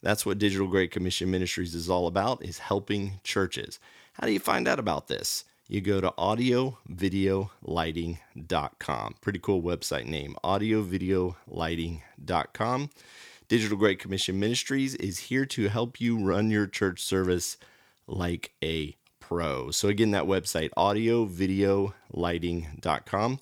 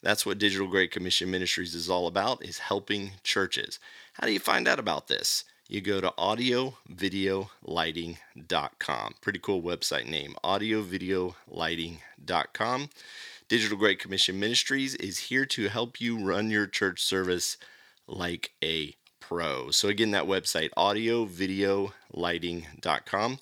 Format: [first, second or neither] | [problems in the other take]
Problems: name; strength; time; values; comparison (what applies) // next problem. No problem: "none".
first | thin; very slightly; fading below 250 Hz